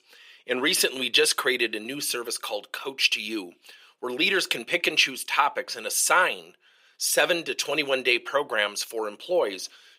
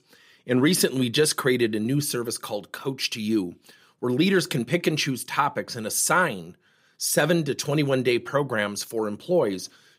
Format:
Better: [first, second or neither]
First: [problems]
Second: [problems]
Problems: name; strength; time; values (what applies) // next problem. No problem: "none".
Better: second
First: thin; somewhat; fading below 550 Hz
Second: none